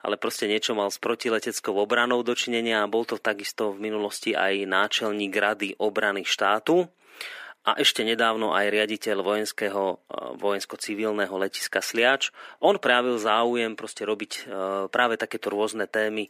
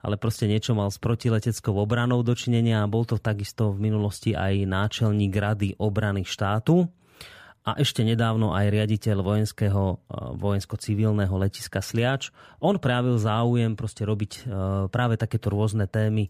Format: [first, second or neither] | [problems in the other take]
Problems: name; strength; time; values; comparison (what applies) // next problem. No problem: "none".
second | thin; very; fading below 300 Hz